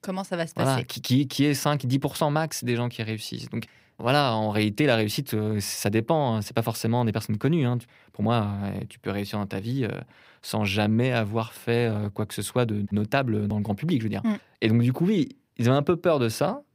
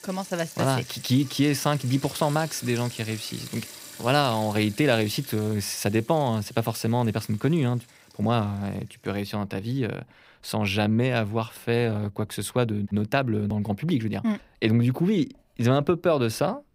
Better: first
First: none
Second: household noises; noticeable; throughout; 15 dB below the speech

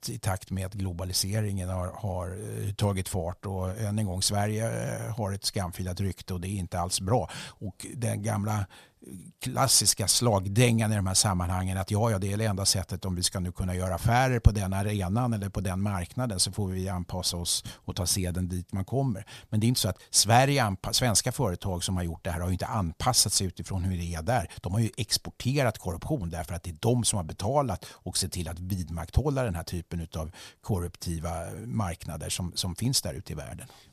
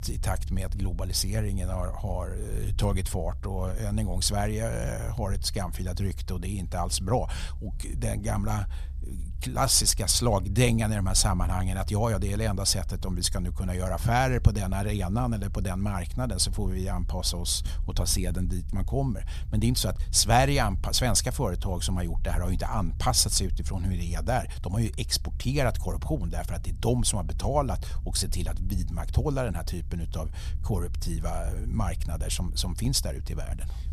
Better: first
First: none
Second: low rumble; faint; throughout; 25 dB below the speech

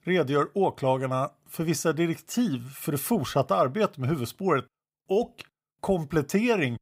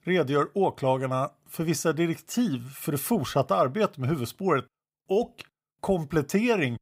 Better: neither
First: none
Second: none

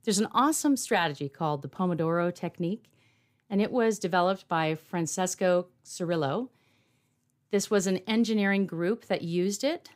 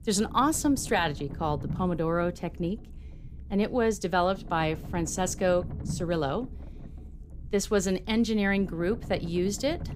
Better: first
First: none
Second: low rumble; faint; throughout; 20 dB below the speech

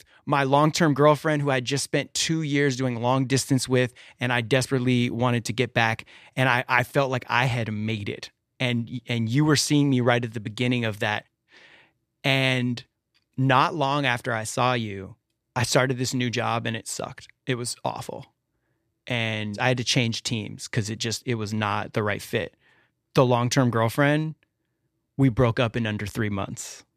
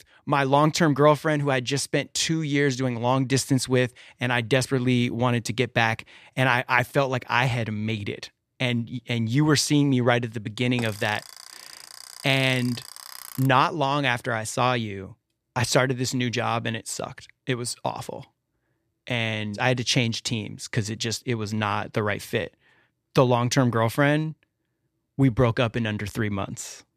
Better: first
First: none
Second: alarm; faint; from 11 to 13 s; peak 15 dB below the speech

